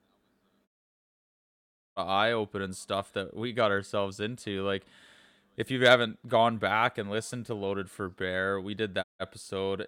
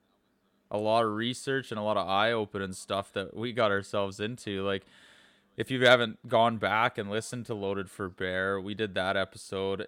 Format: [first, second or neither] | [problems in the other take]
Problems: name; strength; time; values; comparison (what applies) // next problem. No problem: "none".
second | audio cutting out; at 0.5 s for 1.5 s and at 9 s